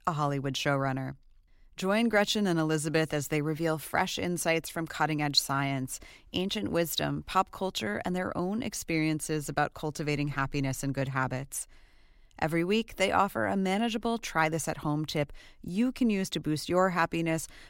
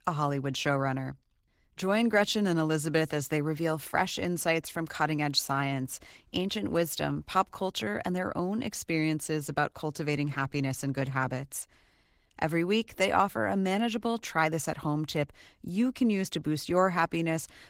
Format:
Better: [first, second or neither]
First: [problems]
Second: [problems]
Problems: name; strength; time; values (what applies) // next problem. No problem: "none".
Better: first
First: none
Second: garbled, watery; slightly; nothing above 16 kHz